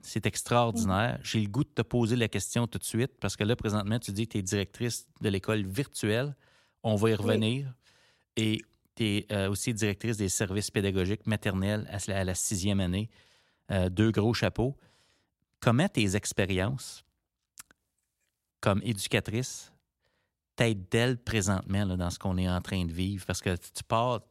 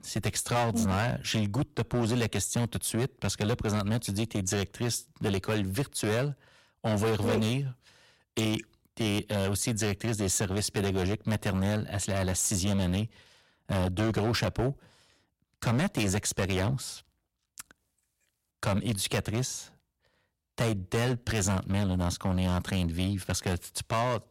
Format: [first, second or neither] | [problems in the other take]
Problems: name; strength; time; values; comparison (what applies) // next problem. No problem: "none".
first | distortion; heavy; 11% of the sound clipped